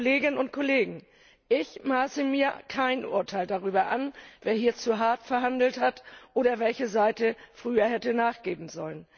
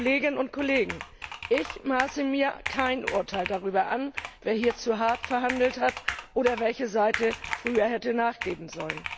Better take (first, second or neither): first